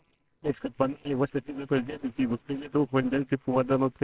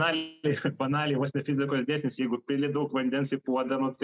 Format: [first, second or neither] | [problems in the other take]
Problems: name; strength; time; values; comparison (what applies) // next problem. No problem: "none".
second | noise reduction (neural separator model SepFormer WHAMR!)